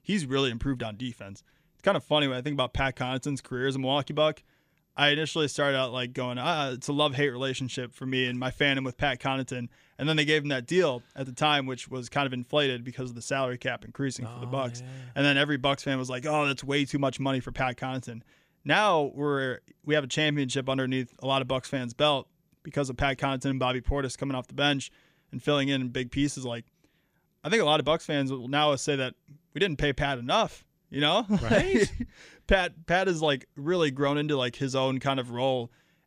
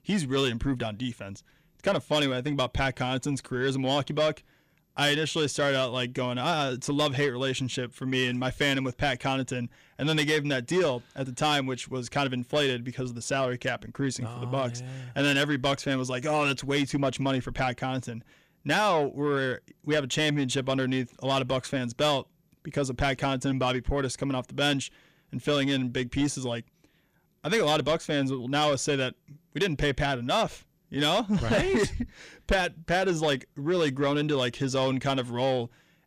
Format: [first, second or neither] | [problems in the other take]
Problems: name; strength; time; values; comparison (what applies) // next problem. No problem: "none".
first | distortion; slight; 10 dB below the speech